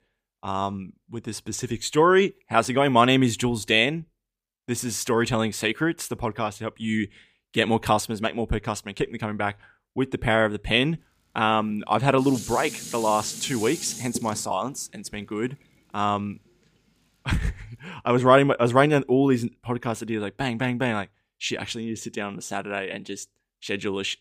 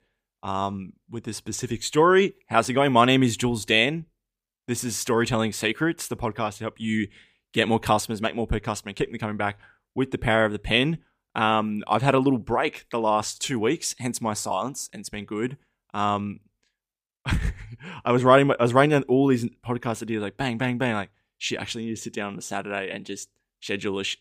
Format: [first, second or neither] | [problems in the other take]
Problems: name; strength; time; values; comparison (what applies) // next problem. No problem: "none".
second | clattering dishes; noticeable; from 12 to 14 s; peak 9 dB below the speech